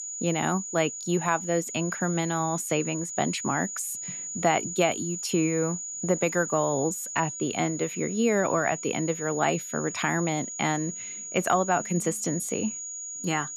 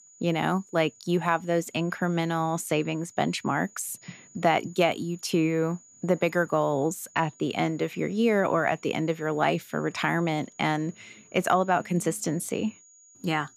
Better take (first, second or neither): second